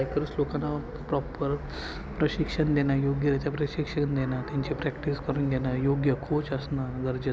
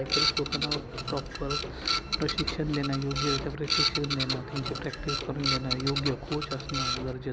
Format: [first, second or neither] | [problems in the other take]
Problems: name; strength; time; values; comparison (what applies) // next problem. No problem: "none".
first | background sound (Printer); 1 dB above the speech